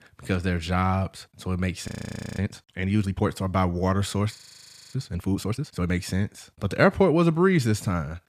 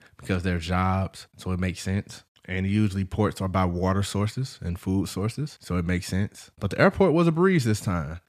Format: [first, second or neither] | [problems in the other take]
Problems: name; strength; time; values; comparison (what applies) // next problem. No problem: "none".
second | audio freezing; at 2 s for 0.5 s and at 4.5 s for 0.5 s